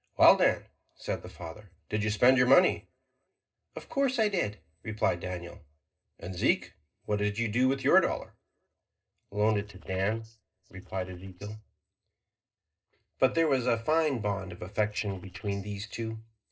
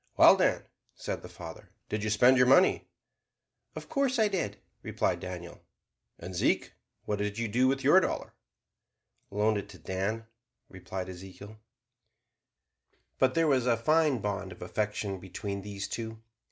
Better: second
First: noise reduction (neural separator model SepFormer DNS4)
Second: none

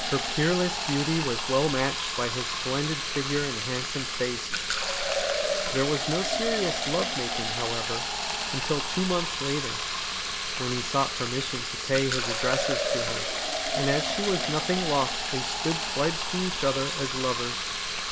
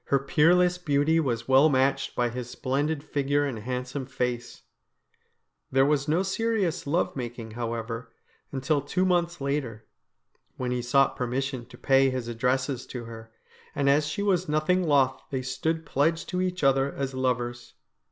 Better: second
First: background sound (Fill (with liquid)); as loud as the speech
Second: none

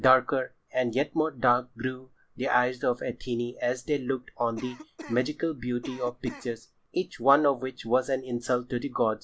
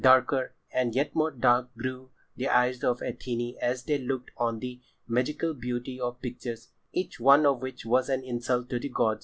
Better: second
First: background sound (Cough); 17 dB below the speech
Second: none

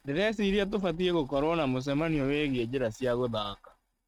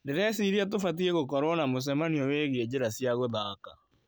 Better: second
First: noise reduction (neural mask model RNNoise)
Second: none

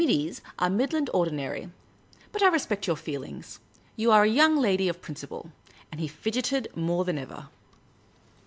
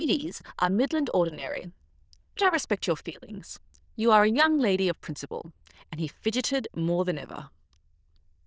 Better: first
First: none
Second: noise reduction (neural diffusion model UNIVERSE++)

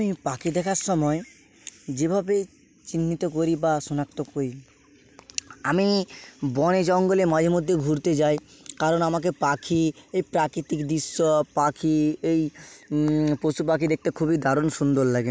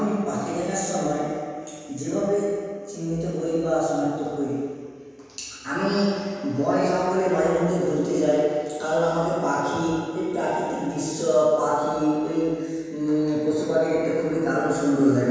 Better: first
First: none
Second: room echo; dies away in 1.9 s

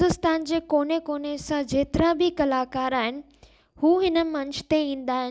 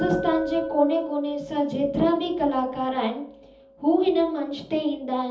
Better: first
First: none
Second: background sound (Glass); 13 dB below the speech // room echo; dies away in 0.7 s

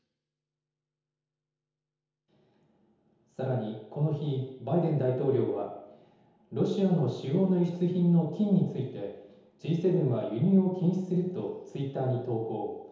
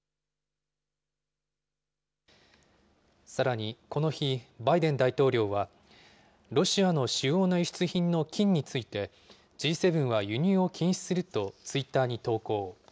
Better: second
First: room echo; dies away in 1 s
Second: none

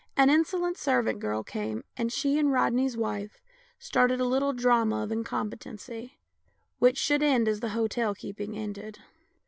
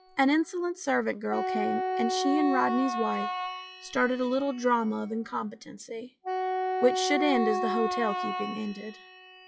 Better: first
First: none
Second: noise reduction (classical method log-MMSE)

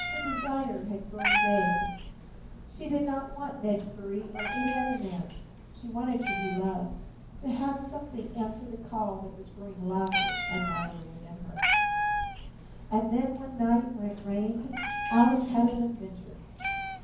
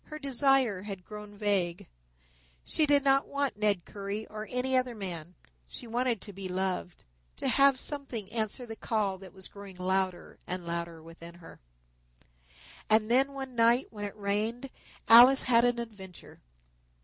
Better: second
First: background sound (Meow); 3 dB below the speech // room echo; dies away in 0.9 s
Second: none

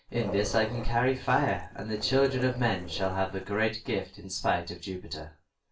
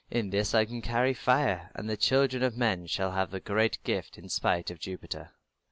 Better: second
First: background sound (Dog); 11 dB below the speech // room echo; dies away in 0.2 s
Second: none

